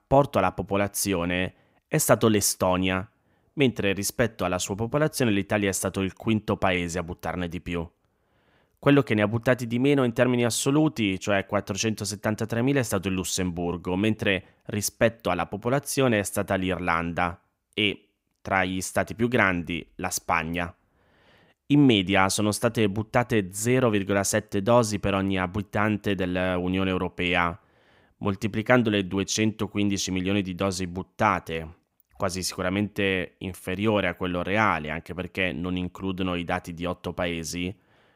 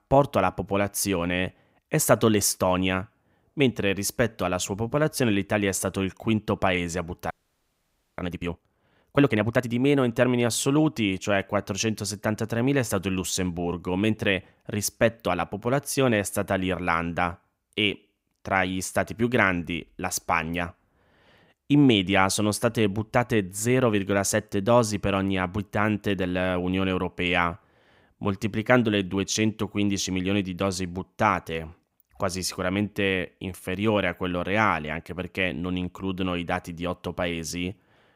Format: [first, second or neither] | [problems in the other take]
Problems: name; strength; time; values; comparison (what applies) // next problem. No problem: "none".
first | audio freezing; at 7.5 s for 1 s